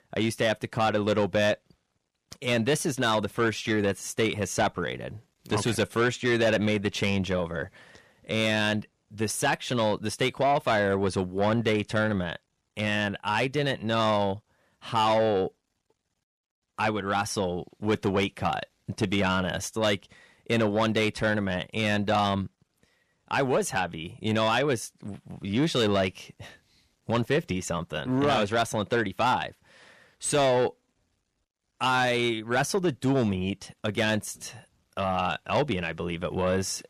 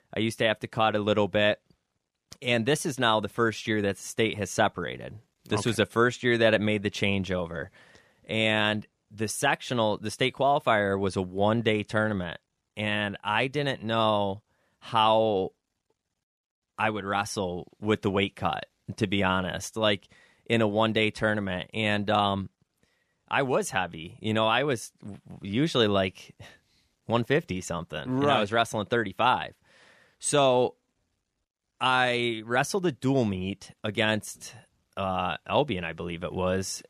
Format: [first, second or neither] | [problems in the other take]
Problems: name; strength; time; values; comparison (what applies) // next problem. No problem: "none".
second | distortion; slight; 10 dB below the speech